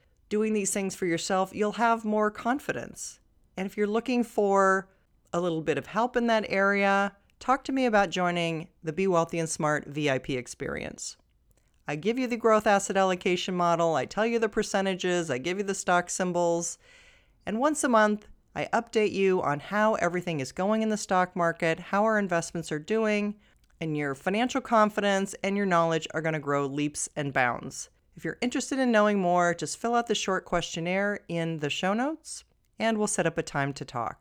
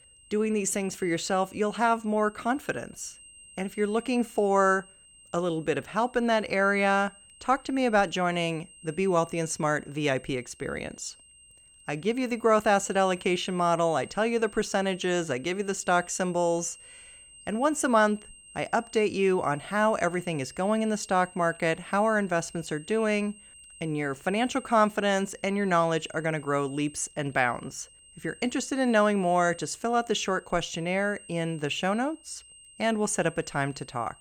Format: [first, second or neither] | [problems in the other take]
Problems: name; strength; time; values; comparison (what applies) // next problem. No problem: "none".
first | high-pitched whine; faint; throughout; 8.5 kHz, 20 dB below the speech